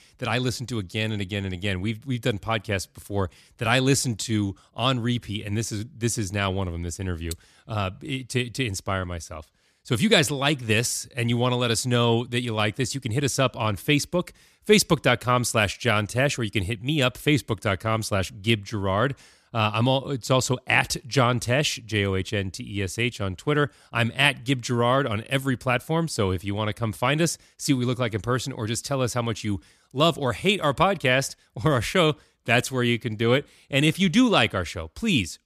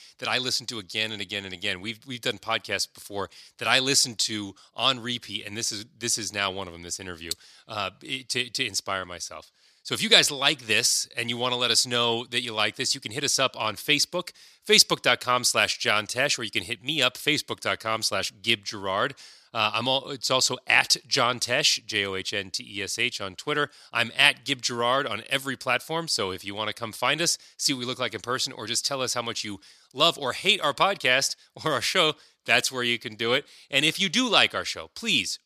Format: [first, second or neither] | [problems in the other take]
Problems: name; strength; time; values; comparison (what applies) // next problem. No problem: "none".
first | thin; somewhat; fading below 700 Hz